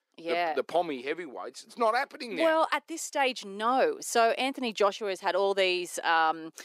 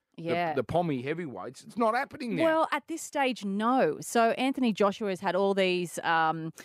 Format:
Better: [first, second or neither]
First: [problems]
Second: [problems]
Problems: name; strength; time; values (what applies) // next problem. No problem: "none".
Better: second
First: thin; somewhat; fading below 350 Hz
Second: none